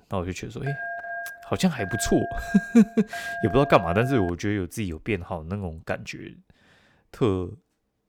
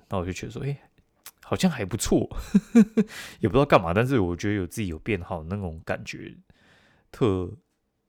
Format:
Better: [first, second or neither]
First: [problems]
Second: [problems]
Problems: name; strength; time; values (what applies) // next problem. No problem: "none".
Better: second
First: phone ringing; noticeable; from 0.5 to 4.5 s; peak 7 dB below the speech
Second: none